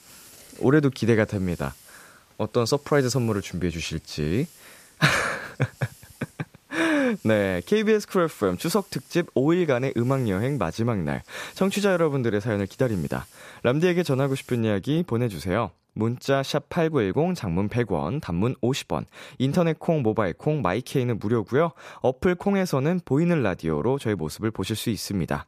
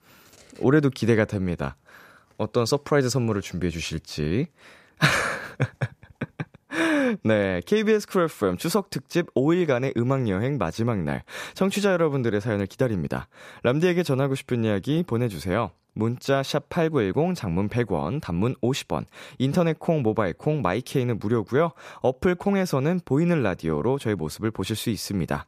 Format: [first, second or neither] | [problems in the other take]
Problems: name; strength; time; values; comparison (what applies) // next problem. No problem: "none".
second | hiss; faint; until 15 s; 25 dB below the speech